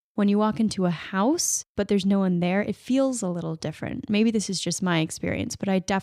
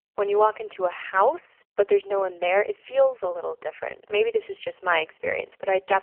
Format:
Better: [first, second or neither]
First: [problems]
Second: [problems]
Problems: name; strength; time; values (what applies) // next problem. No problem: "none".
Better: first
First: none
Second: phone-call audio; poor line; nothing above 3 kHz